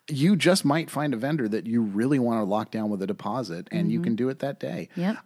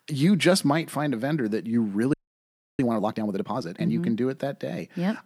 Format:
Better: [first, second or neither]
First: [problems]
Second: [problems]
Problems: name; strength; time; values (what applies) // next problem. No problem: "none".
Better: first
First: none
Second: audio freezing; at 2 s for 0.5 s